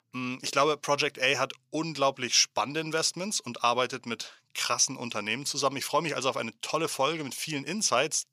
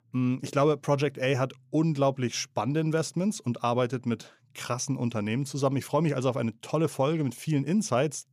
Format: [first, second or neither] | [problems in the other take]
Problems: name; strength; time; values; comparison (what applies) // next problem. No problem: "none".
second | thin; somewhat; fading below 1 kHz